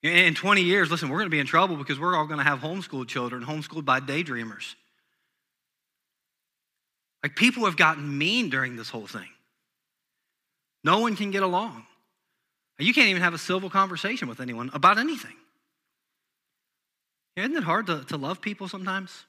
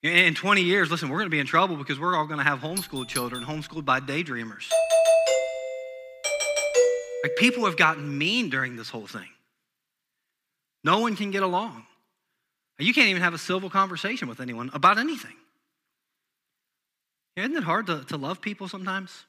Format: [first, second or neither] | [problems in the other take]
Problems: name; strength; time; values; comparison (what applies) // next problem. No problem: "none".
first | doorbell; noticeable; at 3 s; peak 8 dB below the speech // doorbell; loud; from 4.5 to 7.5 s; peak 5 dB above the speech